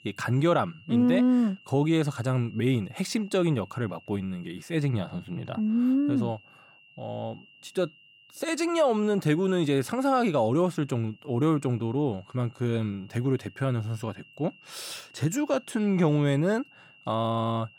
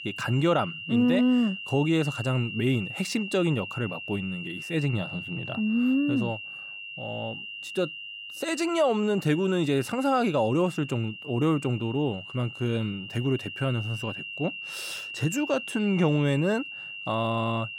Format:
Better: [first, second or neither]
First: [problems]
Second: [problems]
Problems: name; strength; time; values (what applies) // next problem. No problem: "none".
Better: first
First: high-pitched whine; faint; throughout; 2.5 kHz, 25 dB below the speech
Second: high-pitched whine; loud; throughout; 2.5 kHz, 9 dB below the speech